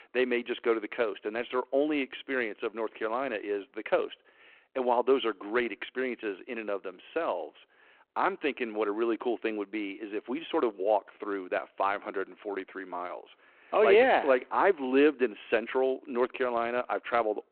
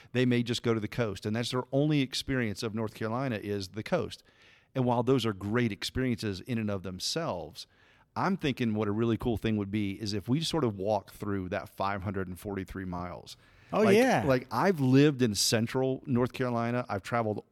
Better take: second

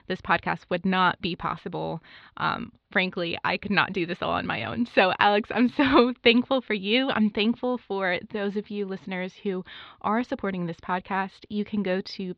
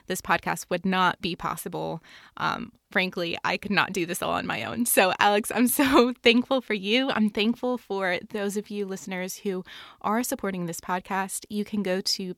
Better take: second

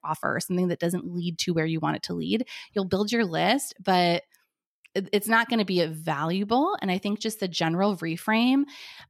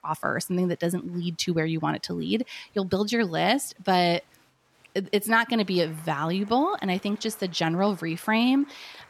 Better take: first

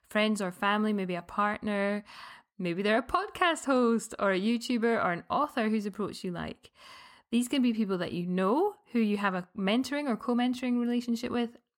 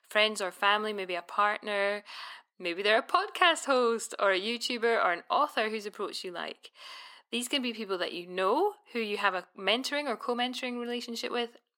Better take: first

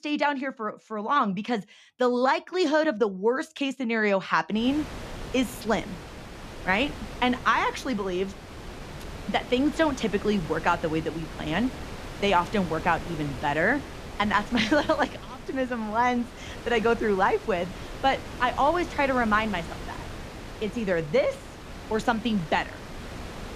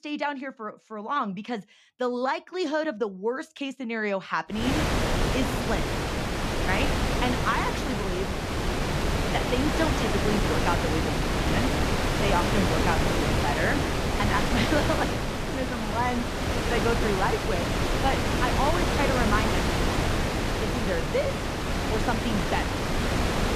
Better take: first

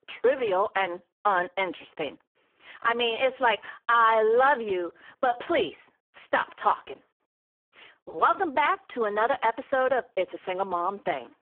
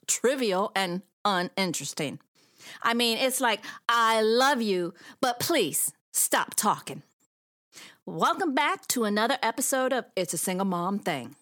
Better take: second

